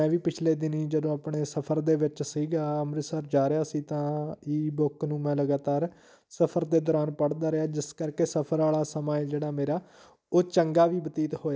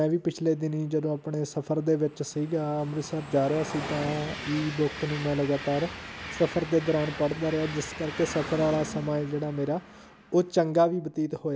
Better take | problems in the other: first | background sound (Train); 12 dB below the speech

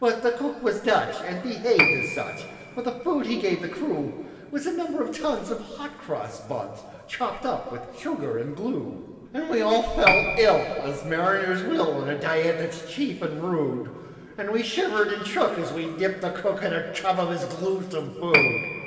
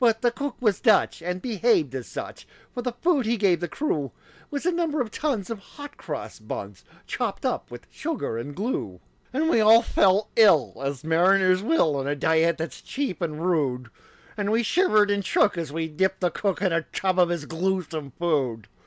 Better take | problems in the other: second | background sound (Piano); 7 dB below the speech // room echo; dies away in 2.3 s

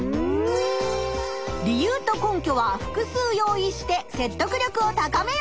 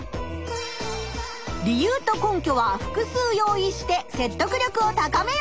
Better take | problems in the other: second | background sound (Guitar); 6 dB below the speech

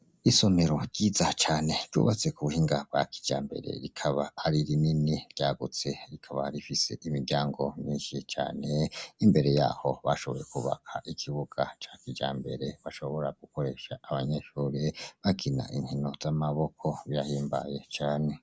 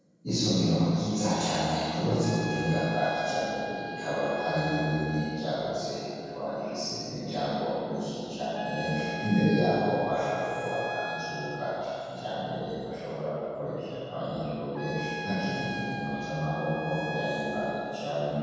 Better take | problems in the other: first | background sound (Trumpet); 8 dB below the speech // room echo; dies away in 2.2 s

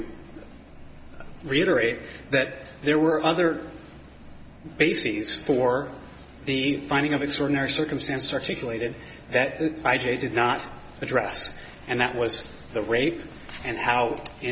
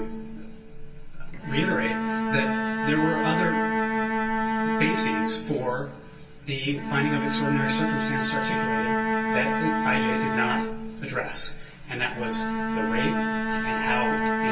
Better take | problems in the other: first | background sound (Bowed string instrument); 2 dB above the speech // room echo; dies away in 0.2 s

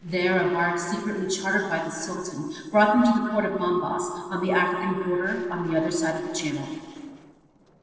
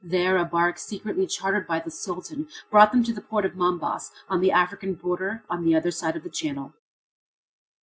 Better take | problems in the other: second | noise reduction (neural separator model SepFormer DNS4)

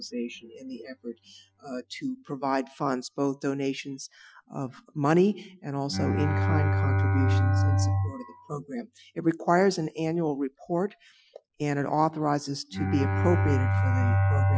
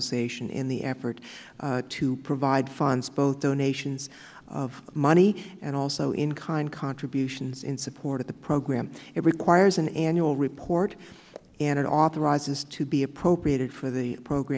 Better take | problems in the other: second | noise reduction (classical method Wiener filter)

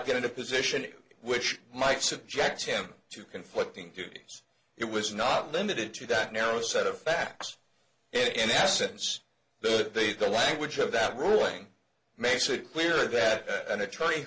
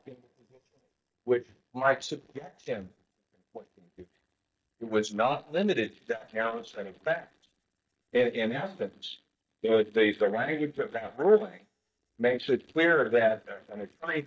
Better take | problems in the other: first | noise reduction (neural mask model DeepFilterNet 3)

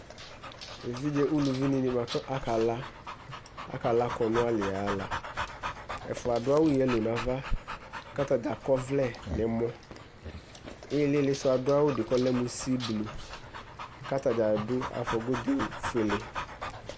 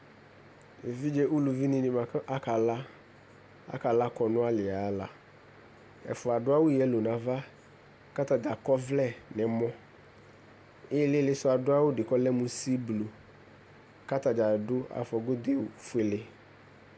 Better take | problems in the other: second | background sound (Dog); 9 dB below the speech

